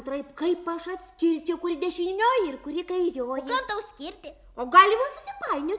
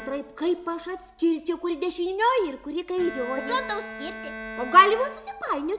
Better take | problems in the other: first | background sound (Bowed string instrument); 15 dB below the speech

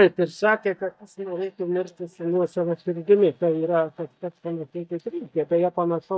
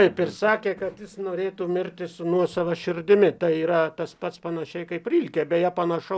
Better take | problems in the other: second | noise reduction (neural mask model DeepFilterNet 3)

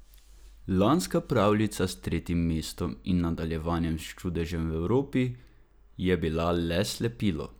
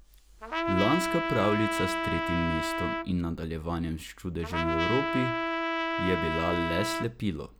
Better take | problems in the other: first | background sound (Trumpet); as loud as the speech

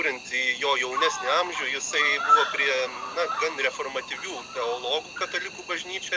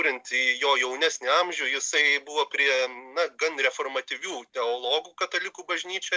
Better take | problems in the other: second | background sound (Cricket); 3 dB below the speech

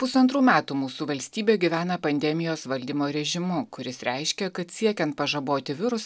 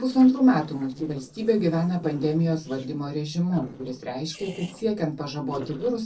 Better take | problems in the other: first | noise reduction (neural separator model SepFormer DNS4)

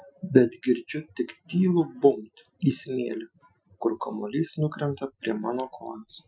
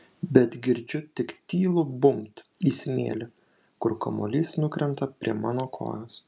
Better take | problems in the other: second | noise reduction (classical method Wiener filter)

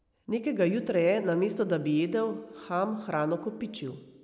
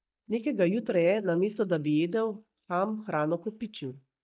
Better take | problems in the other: first | noise reduction (neural mask model DeepFilterNet 3)

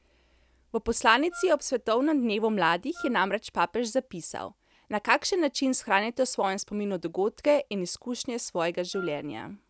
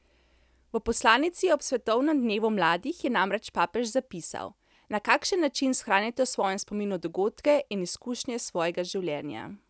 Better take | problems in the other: second | background sound (Wind instrument, woodwind instrument); 18 dB below the speech

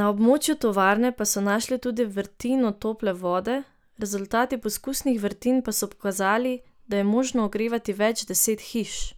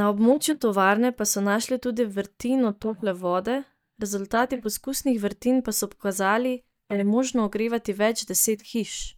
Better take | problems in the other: first | noise reduction (neural mask model DeepFilterNet 3)

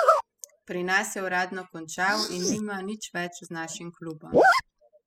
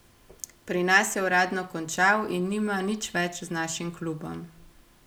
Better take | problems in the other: second | noise reduction (classical method spectral subtraction)

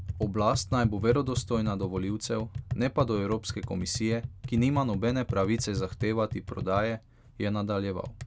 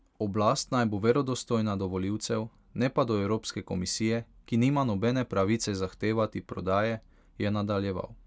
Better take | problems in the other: second | background sound (Tap); 7 dB below the speech

